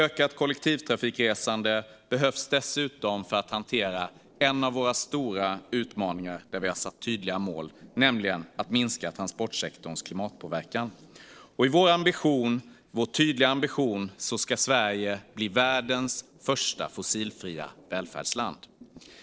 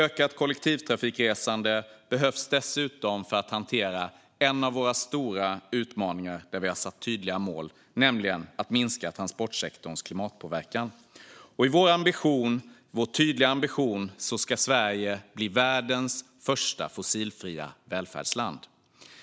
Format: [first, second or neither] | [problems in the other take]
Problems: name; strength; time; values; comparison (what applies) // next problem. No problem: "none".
second | noise reduction (neural separator model SepFormer DNS4)